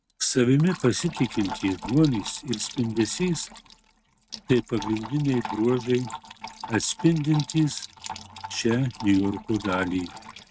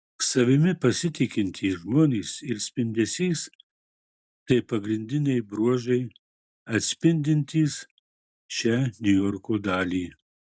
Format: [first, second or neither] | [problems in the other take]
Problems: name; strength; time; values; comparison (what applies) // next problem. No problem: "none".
second | noise reduction (neural mask model RNNoise)